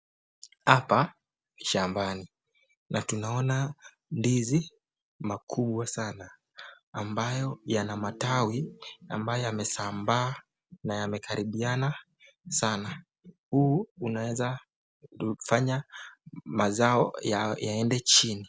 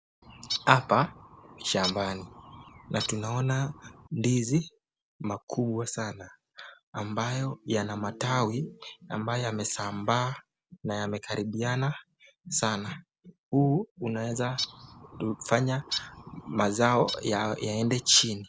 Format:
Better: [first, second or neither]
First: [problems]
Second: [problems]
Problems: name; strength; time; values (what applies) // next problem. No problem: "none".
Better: first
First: none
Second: background sound (Bird); 11 dB below the speech